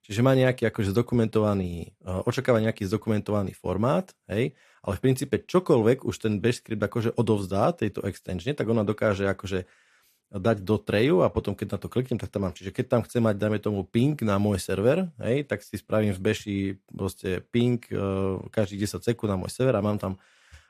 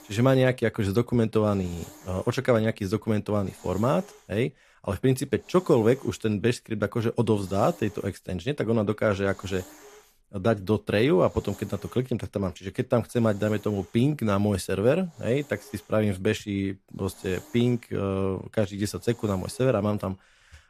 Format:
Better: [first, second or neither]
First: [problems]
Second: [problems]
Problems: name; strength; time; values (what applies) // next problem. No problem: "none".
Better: first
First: none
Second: hiss; faint; throughout; 25 dB below the speech